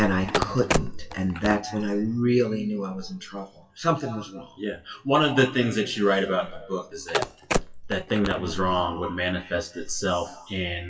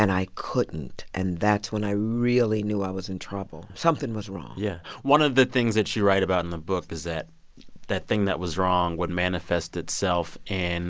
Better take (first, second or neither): second